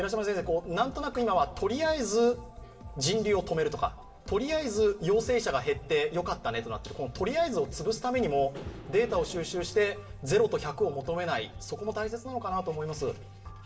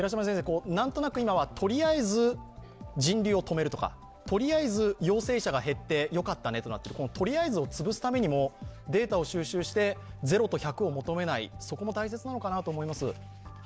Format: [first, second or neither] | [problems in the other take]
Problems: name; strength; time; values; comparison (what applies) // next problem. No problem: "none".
second | background sound (Engine / Mechanisms); 17 dB below the speech // room echo; dies away in 0.8 s